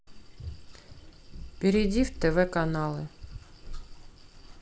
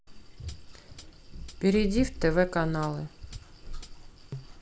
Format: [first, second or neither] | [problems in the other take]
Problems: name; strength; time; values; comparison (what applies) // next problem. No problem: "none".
first | background sound (Hi-hat); 19 dB below the speech